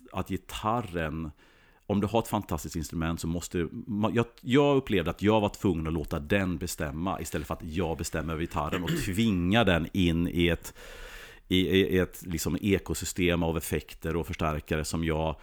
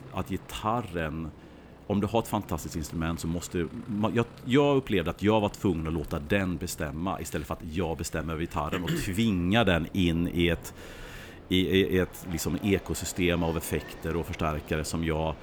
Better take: first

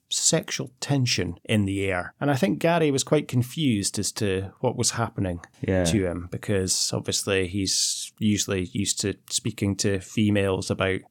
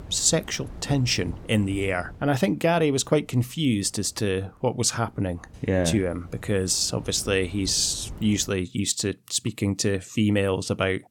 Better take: first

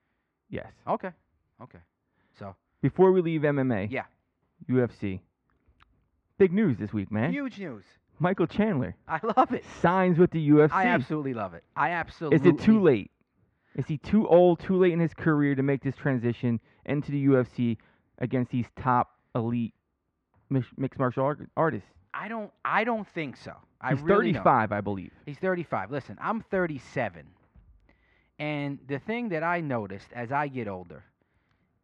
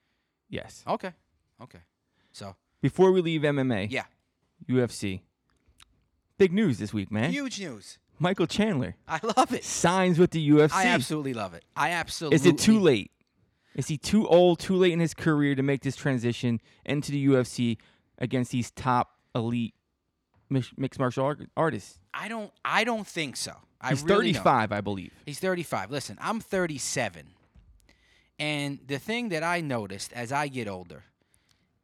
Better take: second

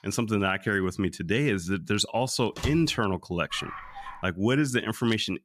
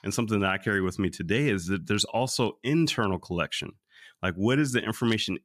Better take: second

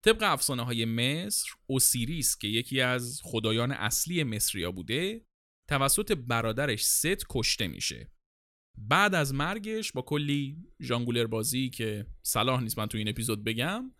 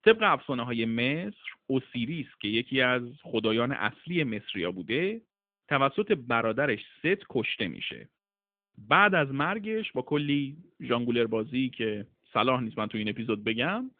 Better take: first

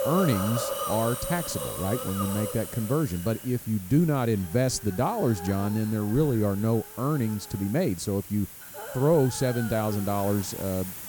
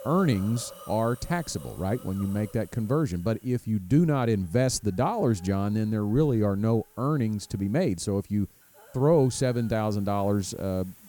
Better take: second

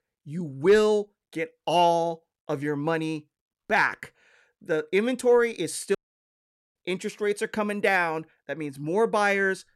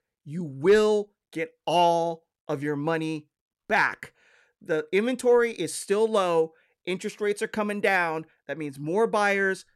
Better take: second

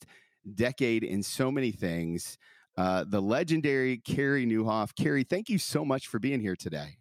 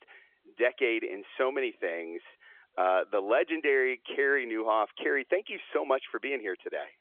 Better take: first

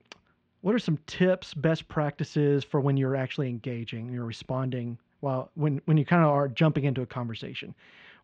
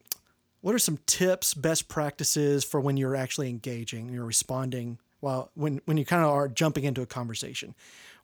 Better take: second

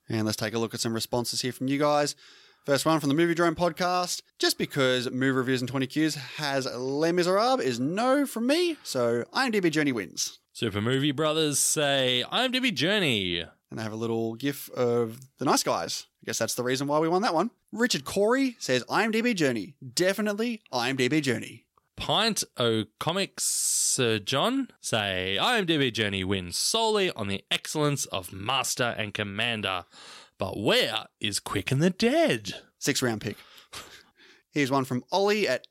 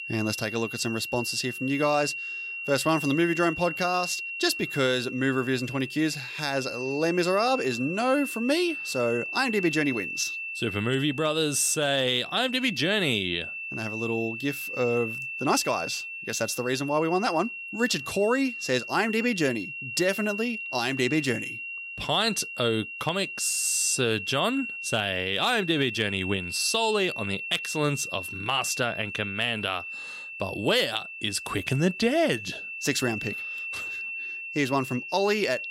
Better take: first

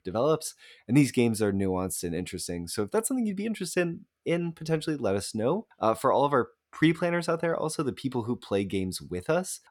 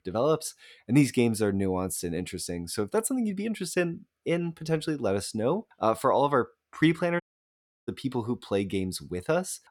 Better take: first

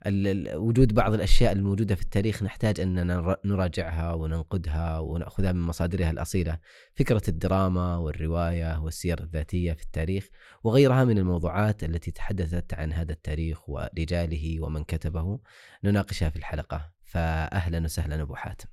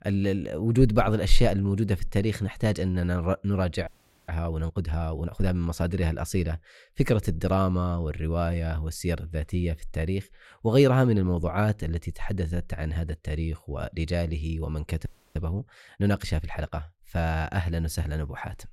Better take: first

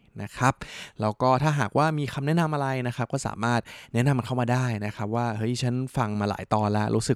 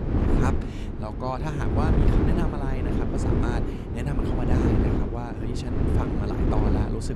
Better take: first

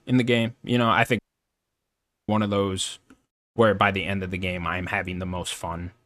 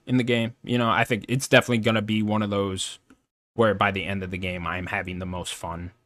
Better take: second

